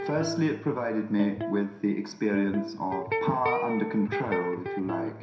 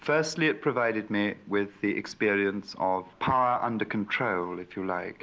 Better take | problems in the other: second | background sound (Electric guitar); 5 dB below the speech // room echo; dies away in 0.7 s

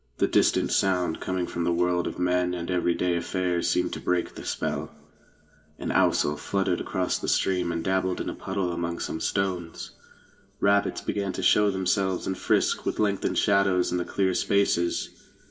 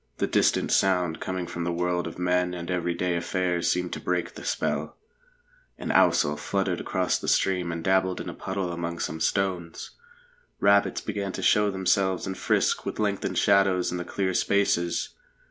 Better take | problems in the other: second | room echo; dies away in 2.5 s

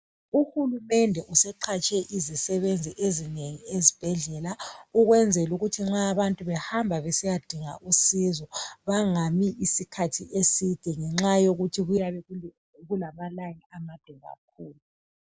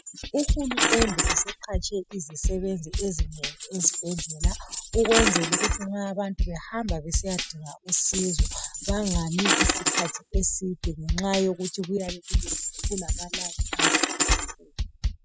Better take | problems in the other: first | noise reduction (classical method spectral subtraction)

